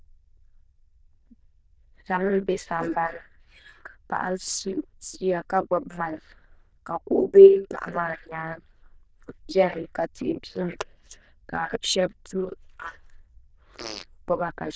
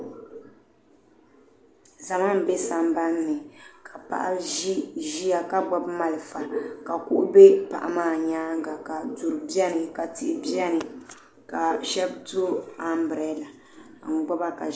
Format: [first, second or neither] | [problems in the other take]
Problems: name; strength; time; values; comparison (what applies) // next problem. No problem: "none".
second | noise reduction (neural diffusion model UNIVERSE++)